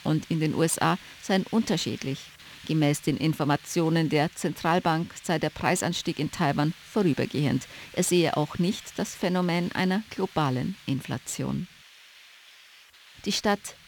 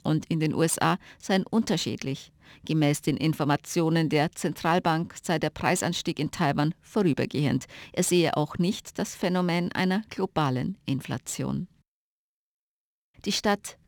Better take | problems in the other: second | hiss; faint; throughout; 20 dB below the speech

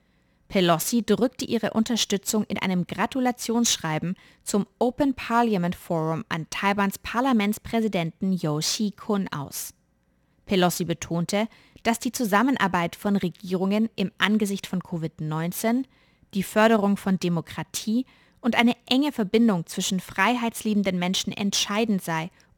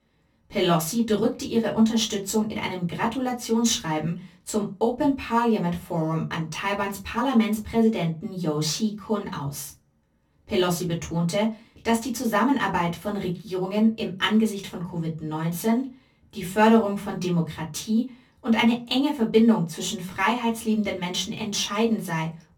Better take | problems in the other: first | off-mic speech; far // room echo; very slight; dies away in 0.2 s

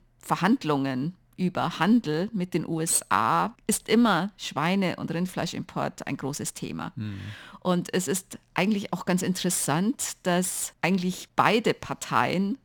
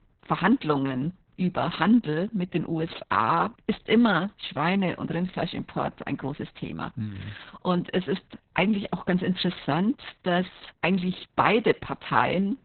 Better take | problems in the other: first | garbled, watery; badly; nothing above 4 kHz

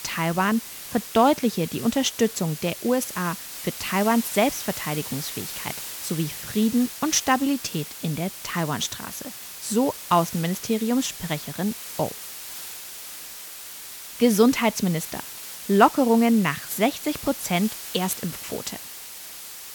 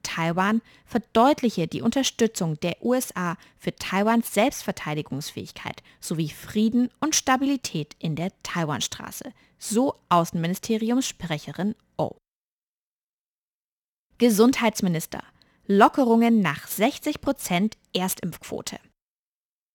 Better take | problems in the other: second | hiss; noticeable; throughout; 10 dB below the speech

